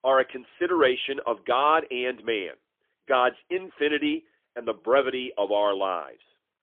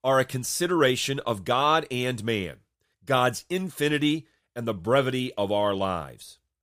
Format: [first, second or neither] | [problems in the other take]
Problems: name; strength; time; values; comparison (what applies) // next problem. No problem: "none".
second | phone-call audio; poor line; nothing above 3.5 kHz